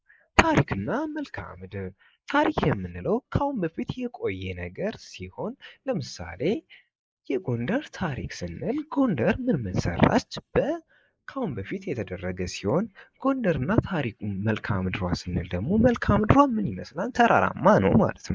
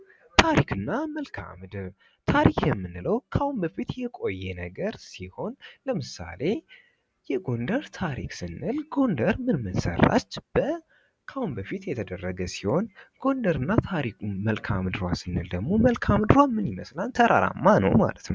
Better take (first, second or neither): second